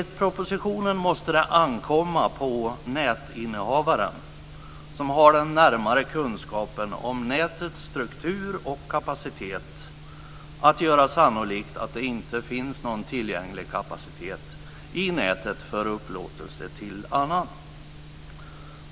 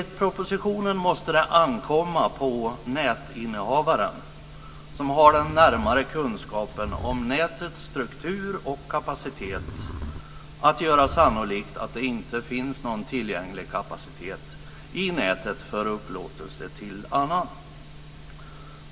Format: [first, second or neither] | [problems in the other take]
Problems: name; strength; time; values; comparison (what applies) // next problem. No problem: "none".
first | background sound (Livestock, farm animals, working animals); 12 dB below the speech // room echo; dies away in 1.1 s